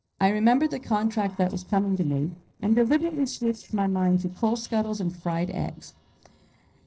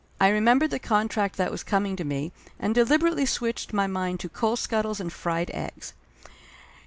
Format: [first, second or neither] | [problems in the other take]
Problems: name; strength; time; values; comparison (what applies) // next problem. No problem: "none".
second | noise reduction (neural separator model SepFormer DNS4)